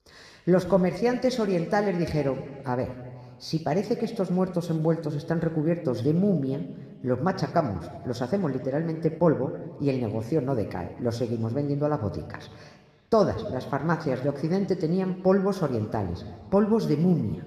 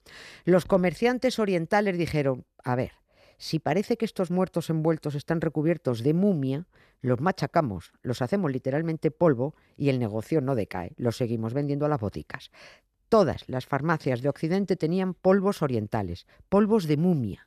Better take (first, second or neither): second